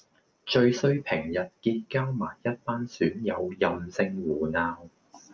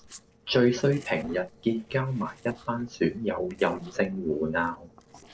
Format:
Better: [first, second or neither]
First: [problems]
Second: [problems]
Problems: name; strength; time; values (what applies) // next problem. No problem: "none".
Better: first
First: none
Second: noise reduction (neural separator model SepFormer DNS4)